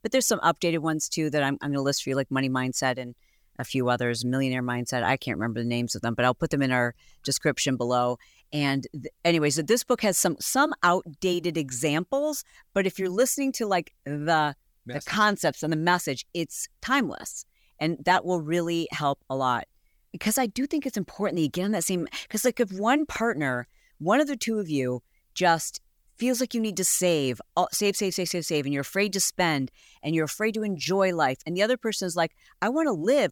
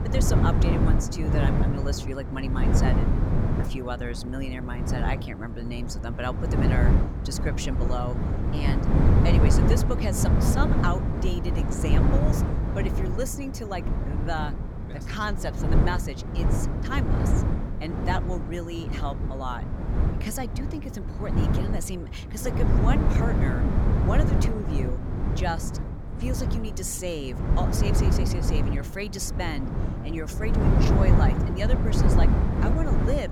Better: first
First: none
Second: wind noise on the microphone; heavy; as loud as the speech

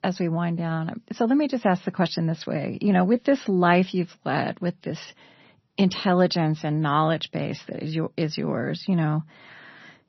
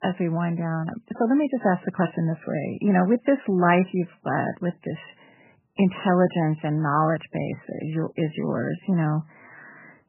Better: first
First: garbled, watery; slightly; nothing above 6 kHz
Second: garbled, watery; badly; nothing above 3 kHz

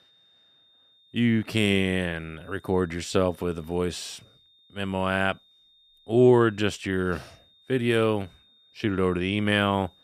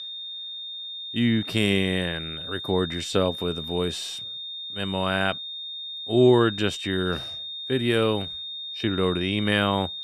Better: first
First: high-pitched whine; faint; throughout; 3.5 kHz, 30 dB below the speech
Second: high-pitched whine; loud; throughout; 3.5 kHz, 7 dB below the speech

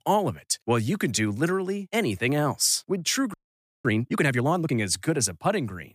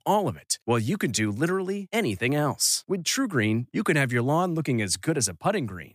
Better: second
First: audio freezing; at 3.5 s for 0.5 s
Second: none

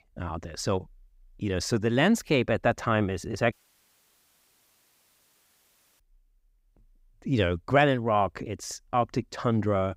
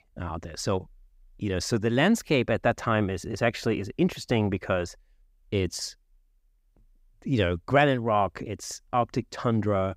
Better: second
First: audio cutting out; at 3.5 s for 2.5 s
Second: none

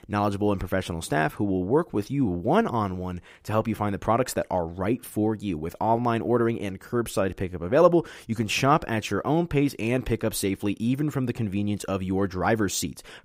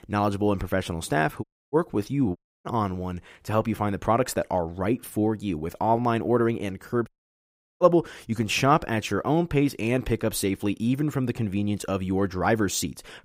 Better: first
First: none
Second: audio cutting out; at 1.5 s, at 2.5 s and at 7 s for 0.5 s

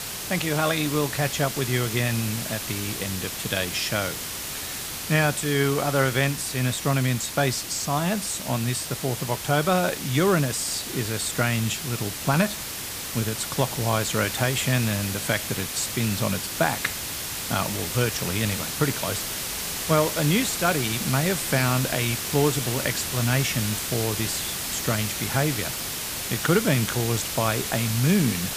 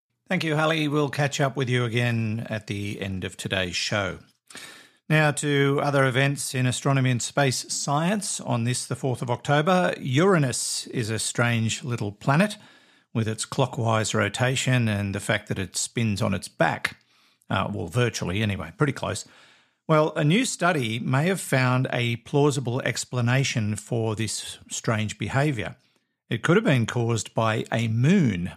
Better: second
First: hiss; loud; throughout; 4 dB below the speech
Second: none

